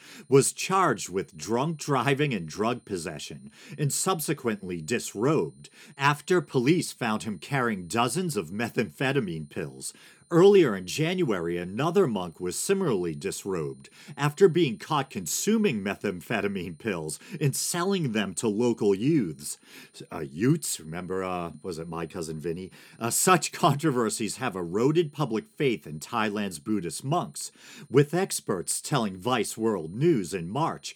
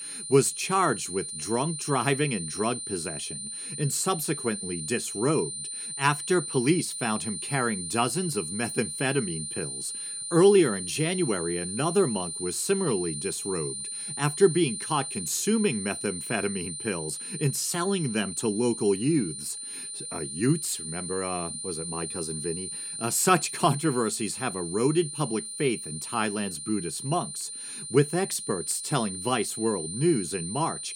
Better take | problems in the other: first | high-pitched whine; loud; throughout; 9 kHz, 6 dB below the speech; faint in the first

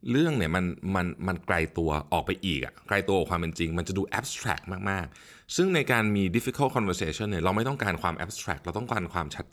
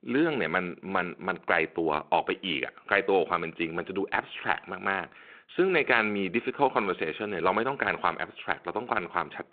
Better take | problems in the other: first | phone-call audio

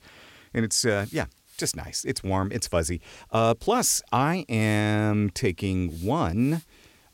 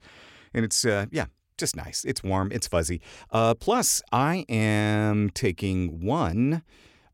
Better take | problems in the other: second | hiss; faint; throughout; 25 dB below the speech

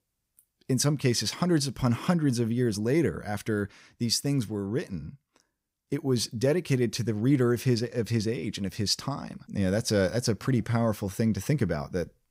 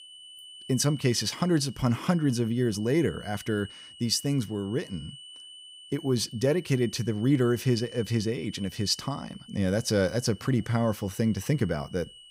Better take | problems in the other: first | high-pitched whine; noticeable; throughout; 3 kHz, 20 dB below the speech

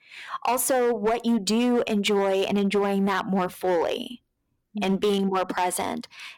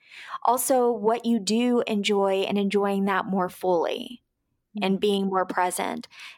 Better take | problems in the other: second | distortion; slight; 9% of the sound clipped

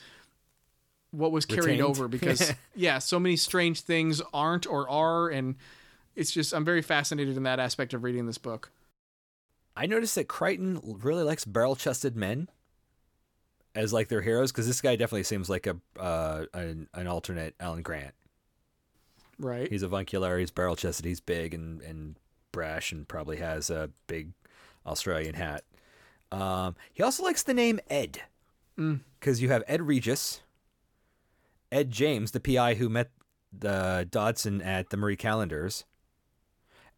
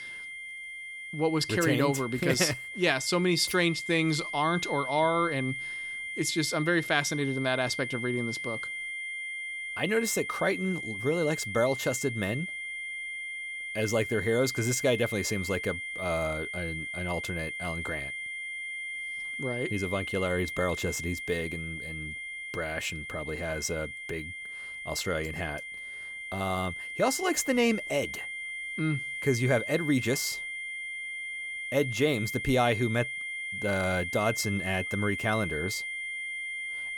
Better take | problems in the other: first | high-pitched whine; loud; throughout; 2 kHz, 5 dB below the speech

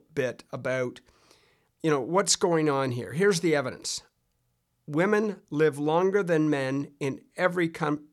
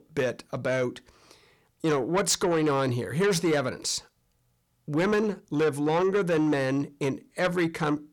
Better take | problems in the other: first | distortion; slight; 10 dB below the speech

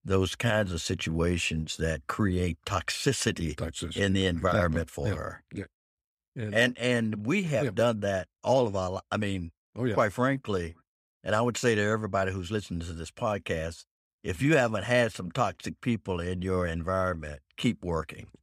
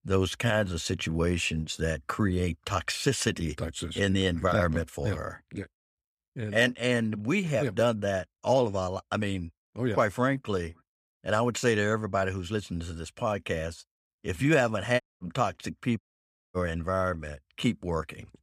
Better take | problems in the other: first | audio cutting out; at 15 s and at 16 s for 0.5 s

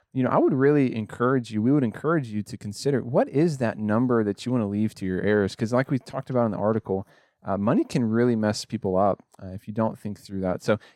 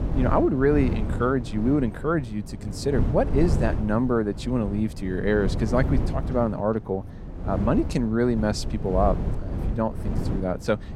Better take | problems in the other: first | wind noise on the microphone; occasional gusts; 10 dB below the speech

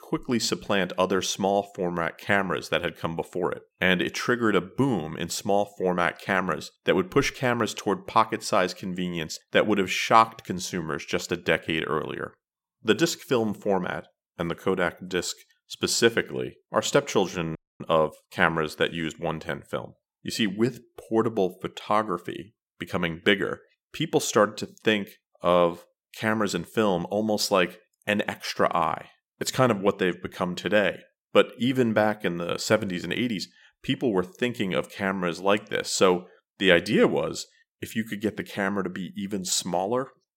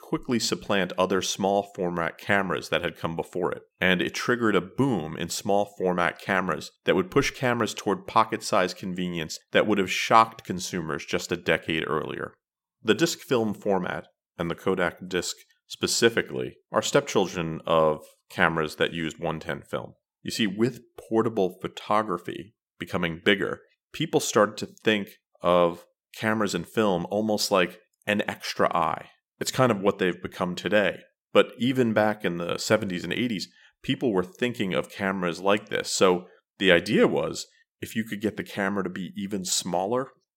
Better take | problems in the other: second | audio freezing; at 18 s

